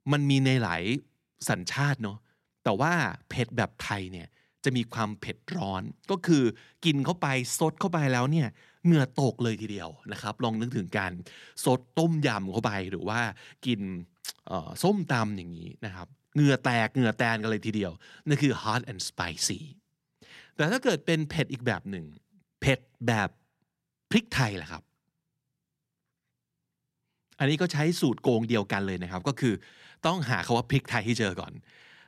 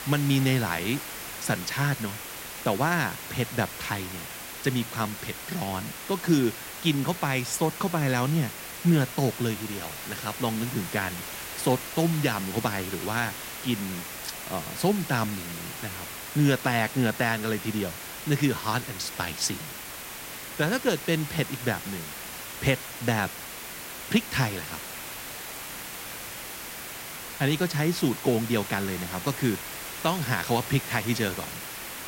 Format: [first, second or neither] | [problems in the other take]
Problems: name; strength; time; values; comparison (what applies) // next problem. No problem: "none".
first | hiss; loud; throughout; 8 dB below the speech